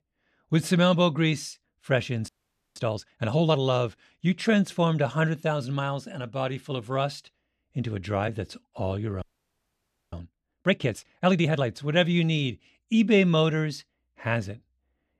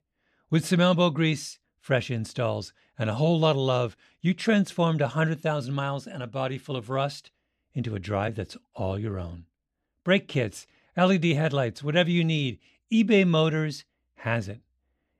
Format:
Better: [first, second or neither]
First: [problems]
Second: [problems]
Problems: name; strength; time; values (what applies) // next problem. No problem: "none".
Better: second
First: audio freezing; at 2.5 s and at 9 s for 1 s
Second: none